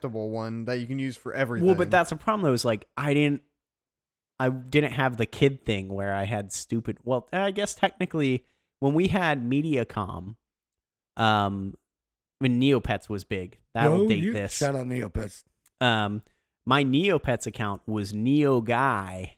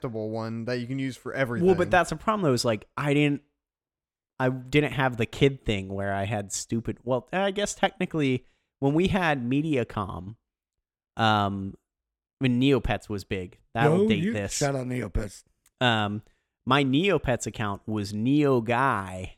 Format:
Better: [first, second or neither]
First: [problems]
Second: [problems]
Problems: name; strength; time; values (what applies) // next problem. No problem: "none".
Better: second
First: garbled, watery; slightly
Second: none